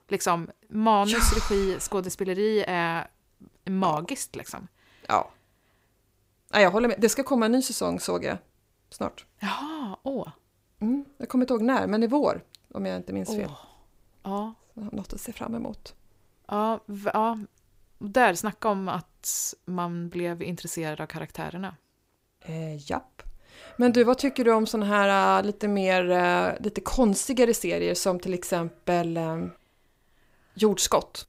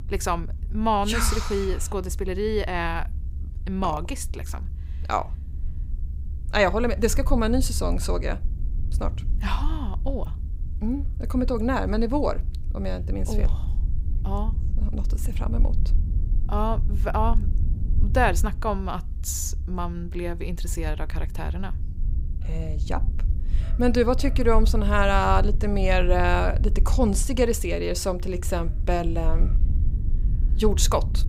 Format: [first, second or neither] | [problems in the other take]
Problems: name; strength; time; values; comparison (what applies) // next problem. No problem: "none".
first | low rumble; faint; throughout; 20 dB below the speech